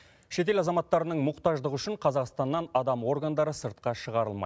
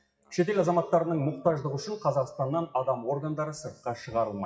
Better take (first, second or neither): first